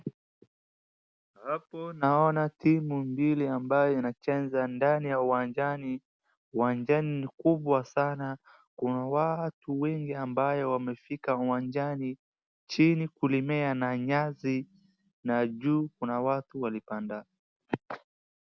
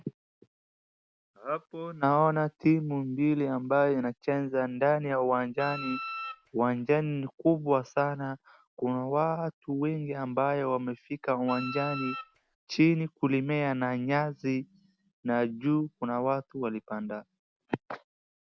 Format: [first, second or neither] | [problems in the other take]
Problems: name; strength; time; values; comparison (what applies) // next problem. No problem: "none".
first | background sound (Wind instrument, woodwind instrument); 9 dB below the speech